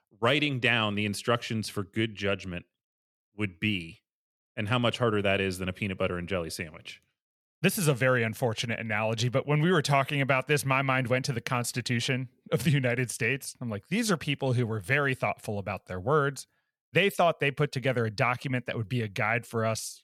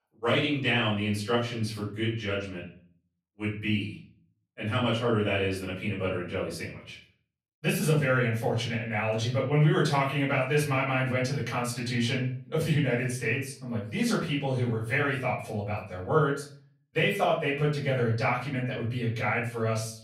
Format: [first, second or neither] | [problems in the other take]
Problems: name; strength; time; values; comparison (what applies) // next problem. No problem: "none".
first | off-mic speech; far // room echo; slight; dies away in 0.4 s